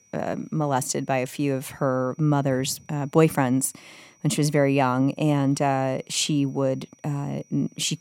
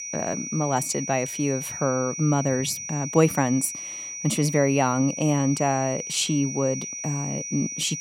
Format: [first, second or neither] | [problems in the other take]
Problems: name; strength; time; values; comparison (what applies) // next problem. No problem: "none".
first | high-pitched whine; loud; throughout; 6 kHz, 7 dB below the speech; faint in the first